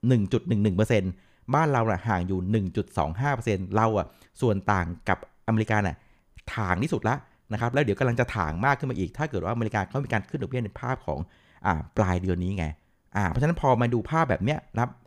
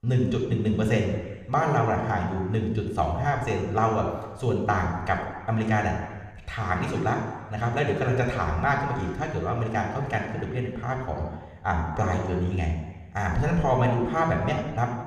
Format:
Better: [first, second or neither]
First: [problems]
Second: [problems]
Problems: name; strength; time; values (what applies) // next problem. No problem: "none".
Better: first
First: none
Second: room echo; noticeable; dies away in 1.2 s // off-mic speech; somewhat distant